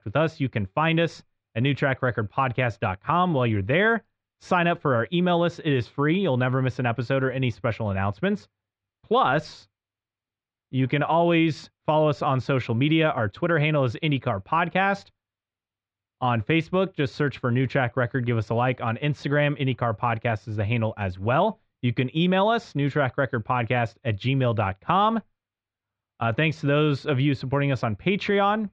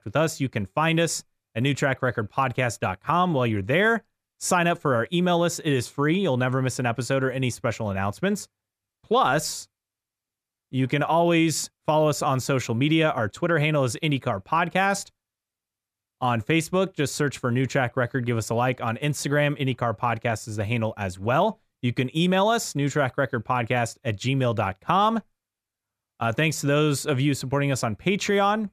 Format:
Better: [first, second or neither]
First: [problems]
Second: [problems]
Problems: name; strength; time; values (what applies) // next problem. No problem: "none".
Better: second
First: muffled; slightly; fading above 4 kHz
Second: none